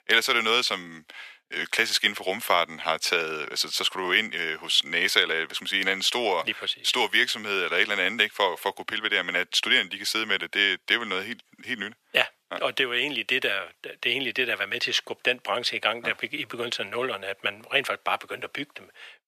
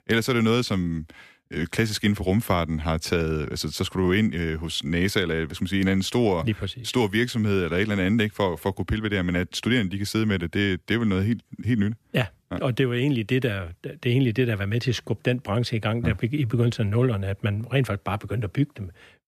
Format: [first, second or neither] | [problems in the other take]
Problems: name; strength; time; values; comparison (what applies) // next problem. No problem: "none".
second | thin; very; fading below 700 Hz